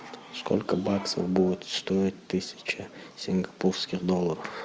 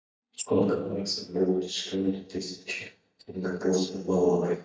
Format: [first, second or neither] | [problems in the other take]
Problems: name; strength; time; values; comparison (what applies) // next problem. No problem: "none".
first | noise reduction (neural mask model DeepFilterNet 3)